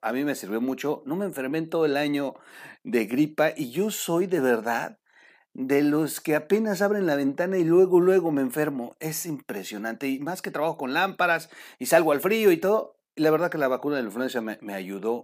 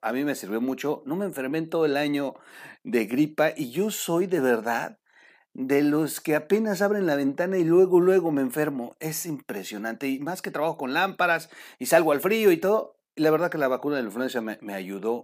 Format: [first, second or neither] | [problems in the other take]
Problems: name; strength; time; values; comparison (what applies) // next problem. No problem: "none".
neither | none